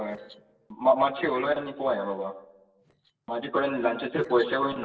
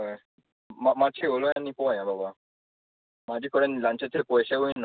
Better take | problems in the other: second | noise reduction (neural separator model SepFormer DNS4)

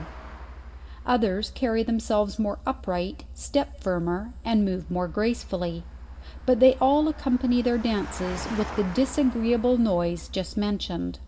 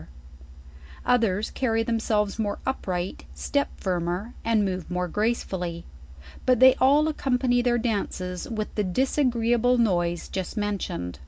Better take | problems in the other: second | background sound (Engine); 19 dB below the speech // room echo; dies away in 0.7 s

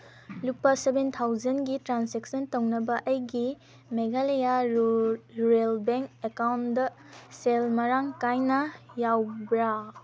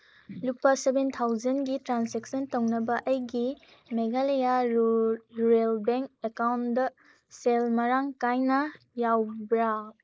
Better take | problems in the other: first | noise reduction (neural mask model Resemble Enhance denoiser)

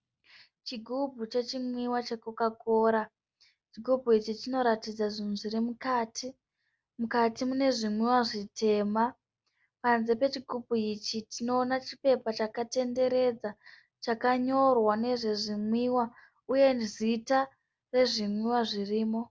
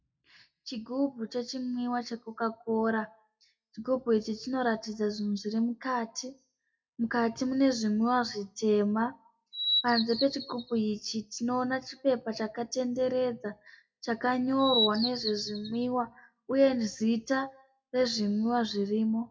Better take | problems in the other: first | noise reduction (classical method WPE with log-MMSE)

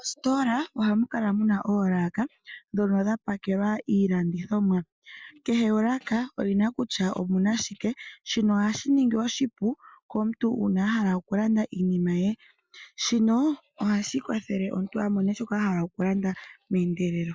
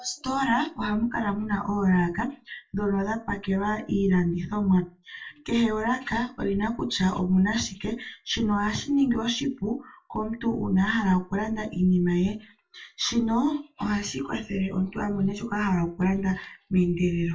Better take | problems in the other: first | room echo; dies away in 0.2 s

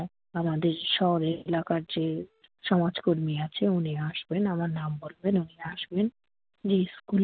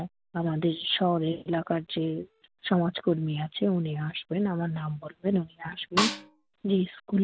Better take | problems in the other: first | background sound (Snare drum); 1 dB below the speech

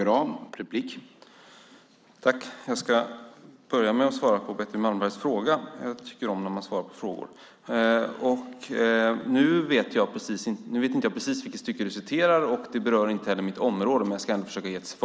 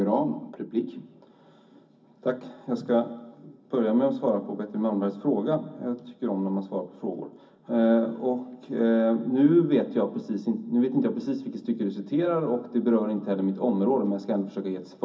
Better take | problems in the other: first | room echo; dies away in 0.4 s

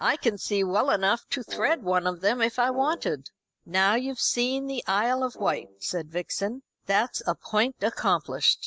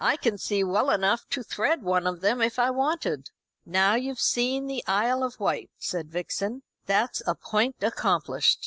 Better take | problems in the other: second | background sound (Brass instrument); 19 dB below the speech

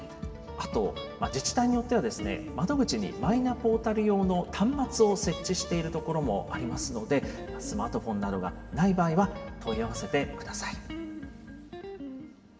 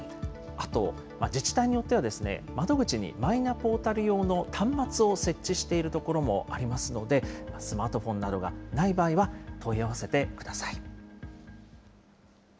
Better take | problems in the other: second | background sound (Guitar); 15 dB below the speech // room echo; dies away in 2.1 s

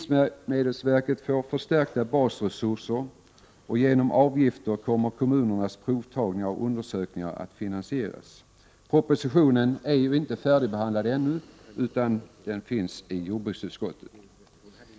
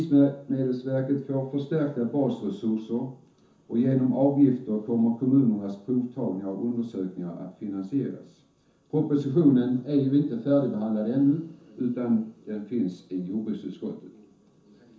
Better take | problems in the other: first | room echo; dies away in 0.9 s

